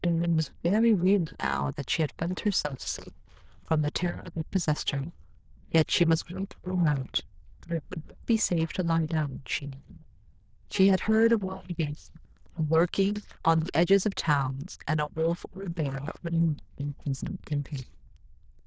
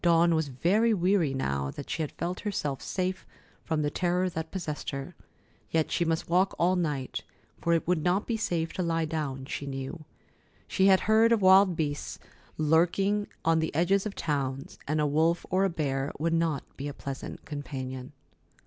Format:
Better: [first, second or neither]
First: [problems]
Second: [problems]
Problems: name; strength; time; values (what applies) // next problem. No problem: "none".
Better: second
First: noise reduction (neural diffusion model UNIVERSE++)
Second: none